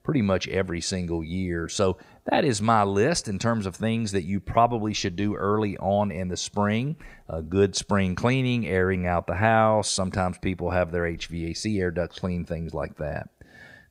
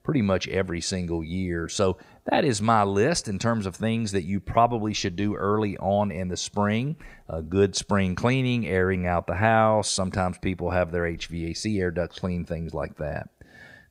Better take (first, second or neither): neither